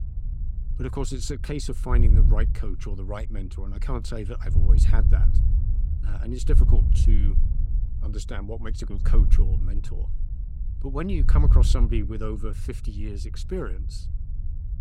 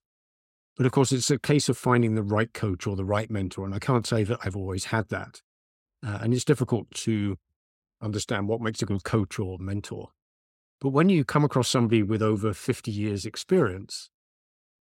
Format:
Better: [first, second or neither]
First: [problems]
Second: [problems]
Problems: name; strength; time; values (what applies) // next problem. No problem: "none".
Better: second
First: wind noise on the microphone; heavy; 7 dB below the speech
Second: none